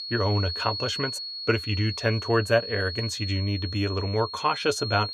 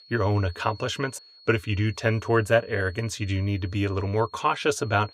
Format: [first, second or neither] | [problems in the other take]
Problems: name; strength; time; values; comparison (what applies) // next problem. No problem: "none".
second | high-pitched whine; loud; throughout; 4.5 kHz, 6 dB below the speech; faint in the second